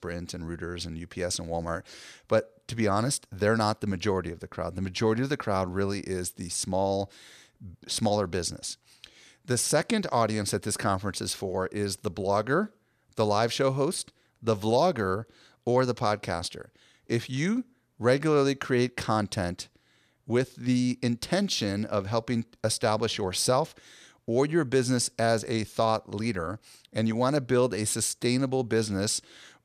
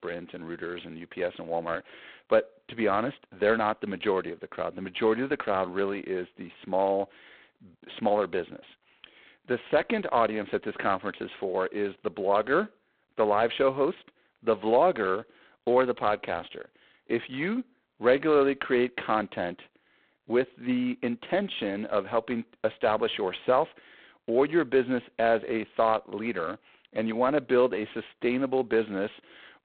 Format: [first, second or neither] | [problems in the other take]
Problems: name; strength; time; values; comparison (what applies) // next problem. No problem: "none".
first | phone-call audio; poor line; nothing above 4 kHz